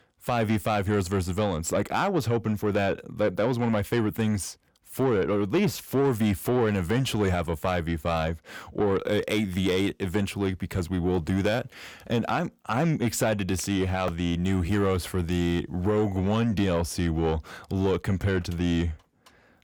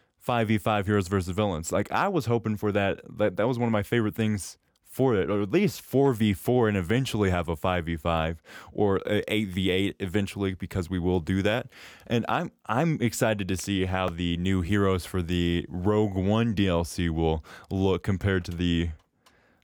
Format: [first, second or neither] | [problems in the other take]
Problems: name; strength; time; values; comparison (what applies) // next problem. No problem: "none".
second | distortion; slight; 10 dB below the speech